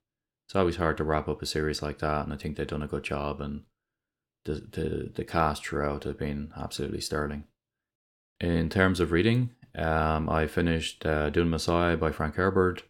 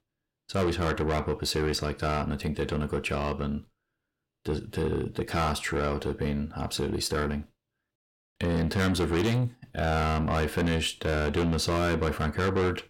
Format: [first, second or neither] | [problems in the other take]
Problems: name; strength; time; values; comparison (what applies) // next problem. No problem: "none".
first | distortion; heavy; 6 dB below the speech